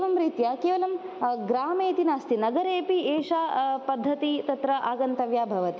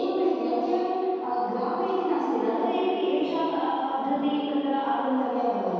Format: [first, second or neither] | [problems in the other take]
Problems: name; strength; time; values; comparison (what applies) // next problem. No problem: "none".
first | room echo; dies away in 2.1 s